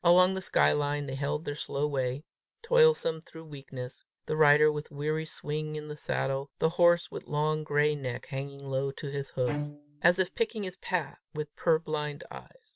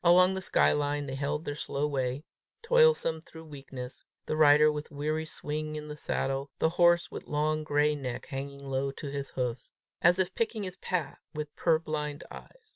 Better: second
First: background sound (Bowed string instrument); 10 dB below the speech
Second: none

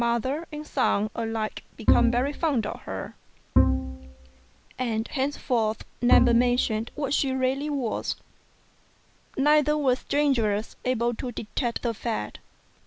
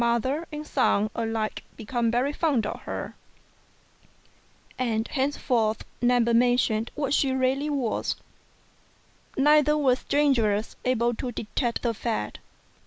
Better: second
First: background sound (Bowed string instrument); 1 dB above the speech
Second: none

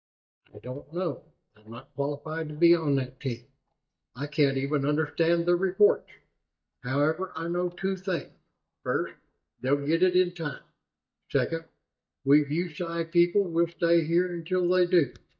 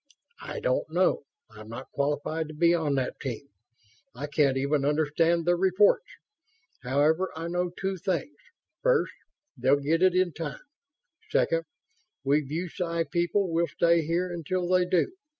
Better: second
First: noise reduction (neural mask model DeepFilterNet 3)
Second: none

